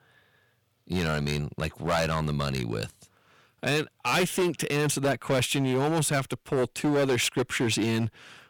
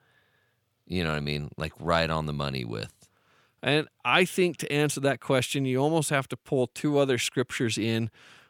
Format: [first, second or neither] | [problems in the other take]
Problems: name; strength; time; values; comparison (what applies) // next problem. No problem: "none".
second | distortion; heavy; 11% of the sound clipped